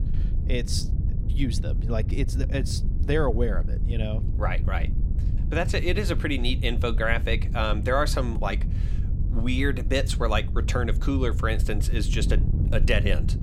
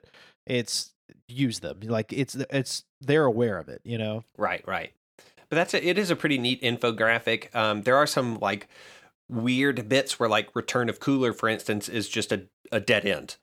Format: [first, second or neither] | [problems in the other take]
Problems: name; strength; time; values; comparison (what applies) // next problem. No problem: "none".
second | wind noise on the microphone; occasional gusts; 15 dB below the speech